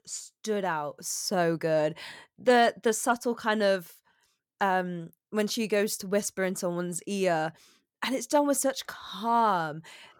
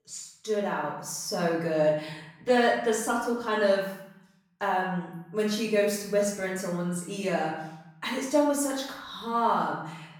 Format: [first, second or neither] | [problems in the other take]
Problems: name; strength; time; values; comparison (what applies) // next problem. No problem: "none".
first | room echo; noticeable; dies away in 0.8 s // off-mic speech; far